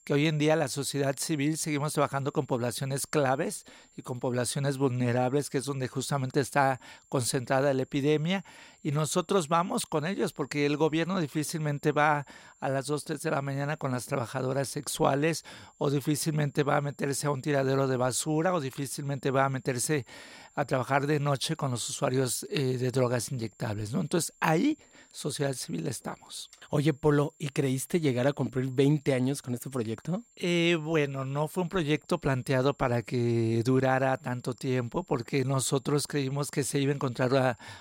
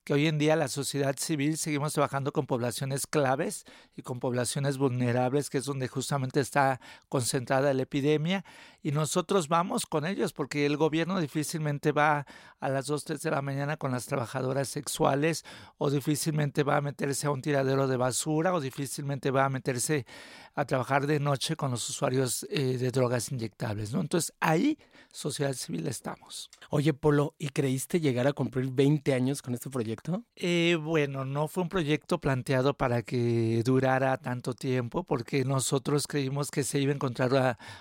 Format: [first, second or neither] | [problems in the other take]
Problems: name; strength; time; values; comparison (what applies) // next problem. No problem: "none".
second | high-pitched whine; faint; throughout; 7.5 kHz, 30 dB below the speech